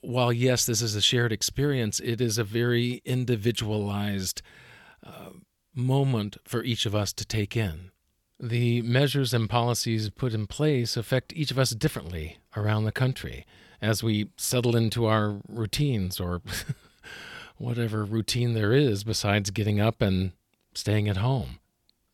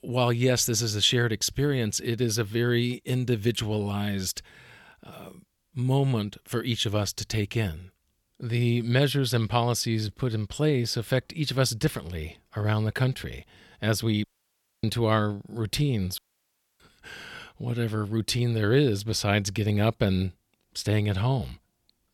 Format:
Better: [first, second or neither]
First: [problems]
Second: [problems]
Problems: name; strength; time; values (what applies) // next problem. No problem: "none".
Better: first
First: none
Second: audio cutting out; at 14 s for 0.5 s and at 16 s for 0.5 s